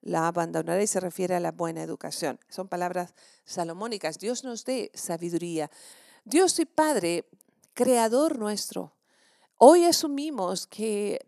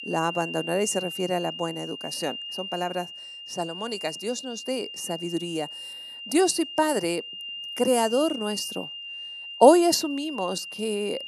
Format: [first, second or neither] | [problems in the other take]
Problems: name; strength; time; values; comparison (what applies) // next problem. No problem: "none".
first | high-pitched whine; loud; throughout; 3 kHz, 9 dB below the speech